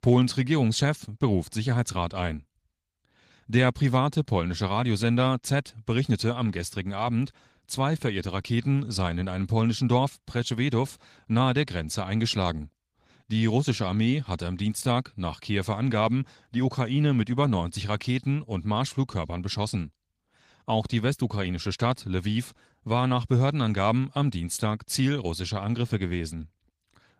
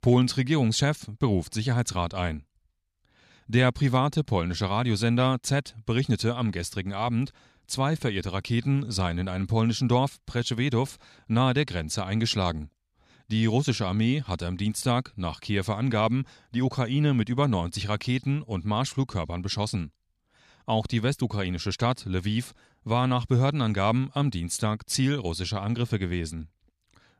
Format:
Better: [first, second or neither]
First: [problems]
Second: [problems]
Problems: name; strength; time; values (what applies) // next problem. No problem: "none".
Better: second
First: garbled, watery; slightly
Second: none